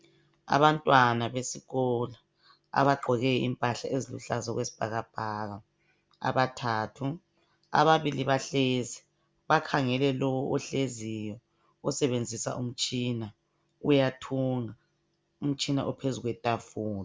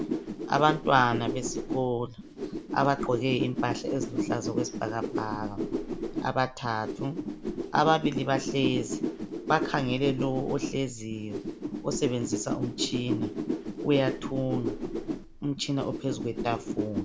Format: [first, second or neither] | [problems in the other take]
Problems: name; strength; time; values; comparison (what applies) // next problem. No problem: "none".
first | background sound (Whoosh, swoosh, swish); 4 dB below the speech